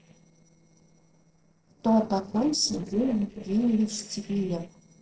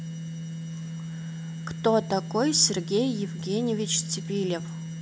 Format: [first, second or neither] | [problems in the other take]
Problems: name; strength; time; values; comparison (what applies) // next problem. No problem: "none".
second | noise reduction (neural separator model SepFormer DNS4)